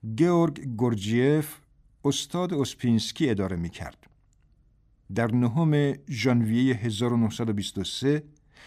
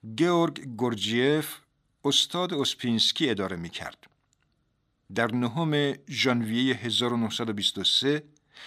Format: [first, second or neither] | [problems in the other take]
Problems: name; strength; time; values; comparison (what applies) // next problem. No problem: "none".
first | thin; very slightly; fading below 350 Hz